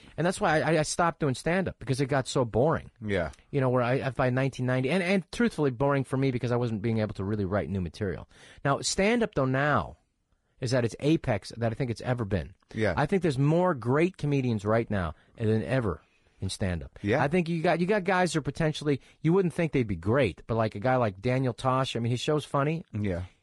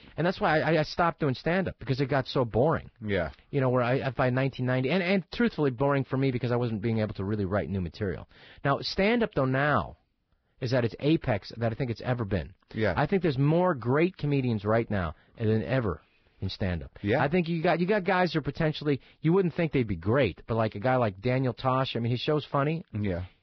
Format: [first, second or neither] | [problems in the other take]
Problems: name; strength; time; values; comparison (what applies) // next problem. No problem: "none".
first | garbled, watery; badly; nothing above 5.5 kHz; slightly in the first